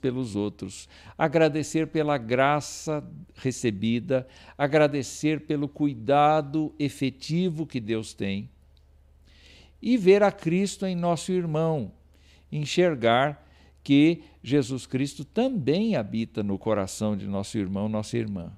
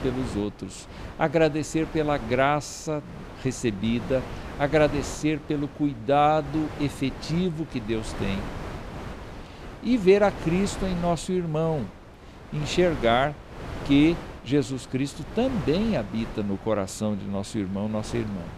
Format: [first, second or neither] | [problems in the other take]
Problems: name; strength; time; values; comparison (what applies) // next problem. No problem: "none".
first | wind noise on the microphone; occasional gusts; 15 dB below the speech